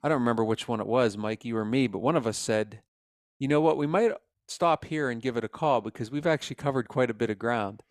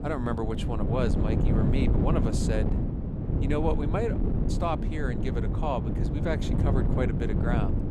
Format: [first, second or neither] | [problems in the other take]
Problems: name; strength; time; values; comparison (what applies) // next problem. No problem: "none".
first | wind noise on the microphone; heavy; 3 dB below the speech